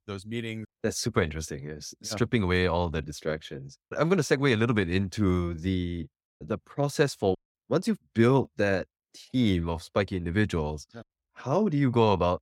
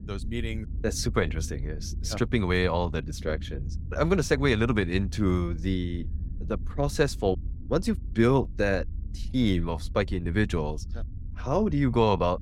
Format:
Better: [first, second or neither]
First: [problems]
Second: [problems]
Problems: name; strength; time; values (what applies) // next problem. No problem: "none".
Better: first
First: none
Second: low rumble; faint; throughout; 25 dB below the speech